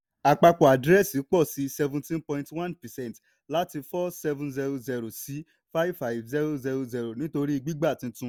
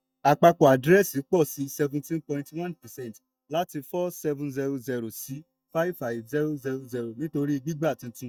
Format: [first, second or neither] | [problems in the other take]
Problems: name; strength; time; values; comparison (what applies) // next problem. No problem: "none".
first | noise reduction (neural mask model DeepFilterNet 3)